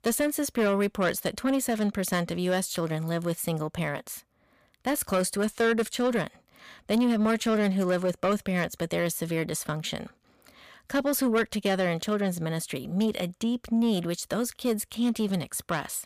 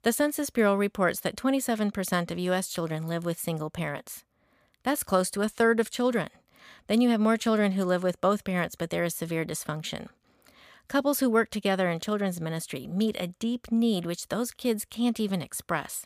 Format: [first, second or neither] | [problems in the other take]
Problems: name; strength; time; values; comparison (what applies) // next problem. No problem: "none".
second | distortion; slight; 10 dB below the speech